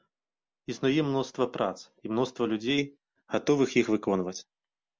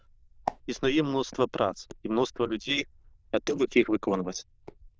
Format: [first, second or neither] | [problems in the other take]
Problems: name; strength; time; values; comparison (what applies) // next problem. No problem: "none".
first | noise reduction (neural diffusion model UNIVERSE++)